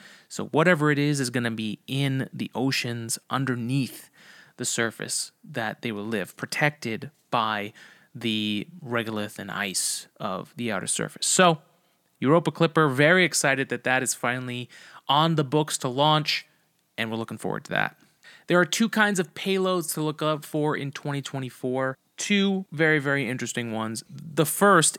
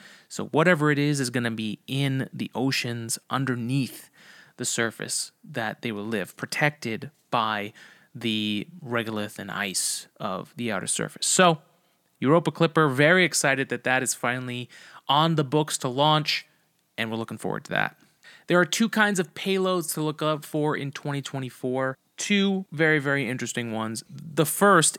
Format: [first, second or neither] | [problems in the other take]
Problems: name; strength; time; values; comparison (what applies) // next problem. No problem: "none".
neither | none